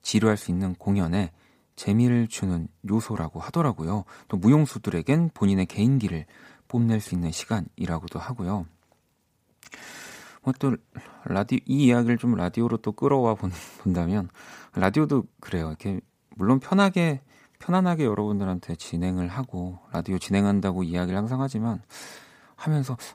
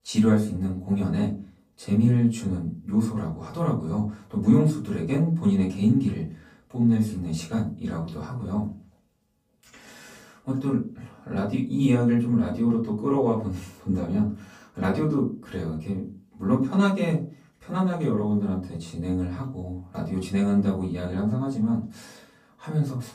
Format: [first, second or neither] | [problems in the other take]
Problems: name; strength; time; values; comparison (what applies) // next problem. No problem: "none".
first | off-mic speech; far // room echo; slight; dies away in 0.3 s